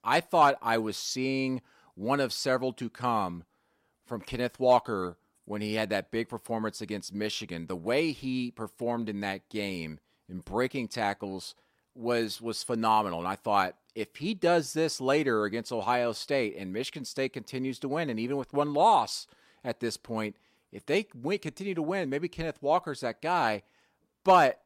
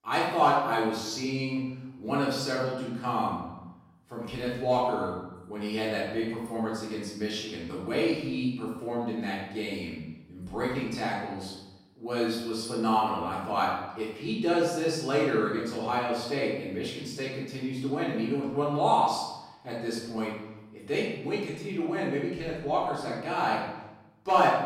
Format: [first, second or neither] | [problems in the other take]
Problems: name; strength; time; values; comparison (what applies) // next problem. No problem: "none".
first | off-mic speech; far // room echo; noticeable; dies away in 0.9 s